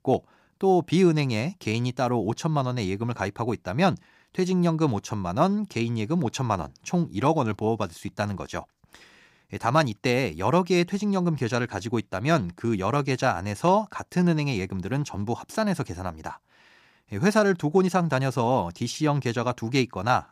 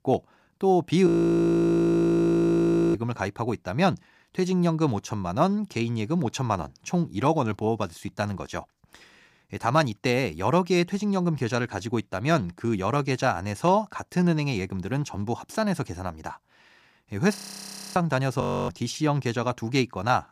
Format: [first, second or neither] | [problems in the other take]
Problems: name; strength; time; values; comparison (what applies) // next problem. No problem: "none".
first | audio freezing; at 1 s for 2 s, at 17 s for 0.5 s and at 18 s